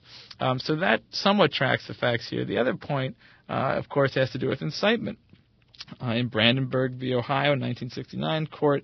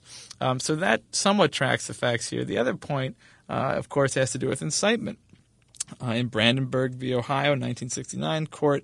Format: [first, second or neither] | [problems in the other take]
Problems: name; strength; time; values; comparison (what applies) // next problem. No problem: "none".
second | garbled, watery; badly; nothing above 5.5 kHz; slightly in the second